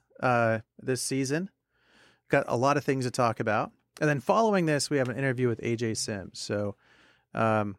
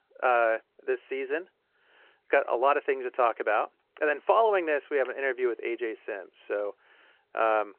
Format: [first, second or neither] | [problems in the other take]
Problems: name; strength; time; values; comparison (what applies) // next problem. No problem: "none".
first | phone-call audio